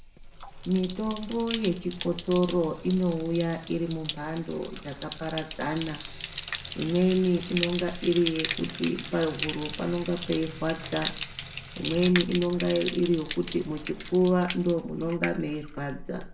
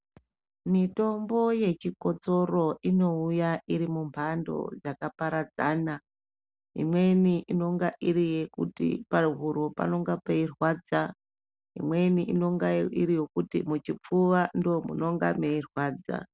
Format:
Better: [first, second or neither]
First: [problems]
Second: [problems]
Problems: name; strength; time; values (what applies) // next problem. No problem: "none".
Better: second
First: background sound (Bathtub (filling or washing)); 9 dB below the speech // room echo; dies away in 0.4 s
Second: none